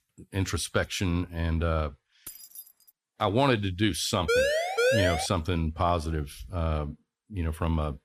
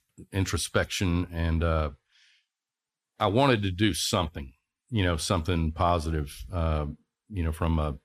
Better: second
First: jangling keys; faint; at 2.5 s; peak 15 dB below the speech // siren; loud; at 4.5 s; peak 4 dB above the speech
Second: none

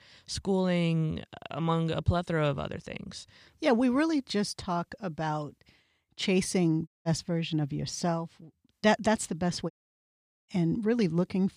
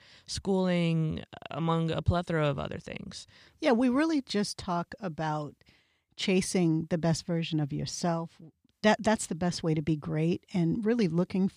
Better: second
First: audio cutting out; at 7 s and at 9.5 s for 1 s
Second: none

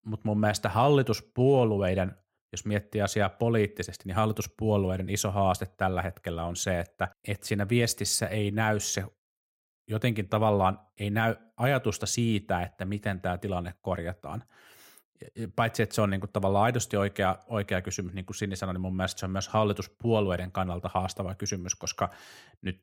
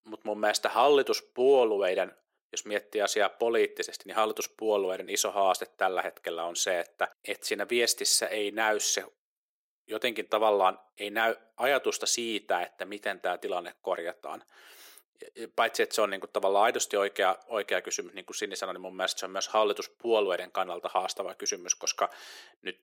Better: first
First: none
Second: thin; very; fading below 350 Hz

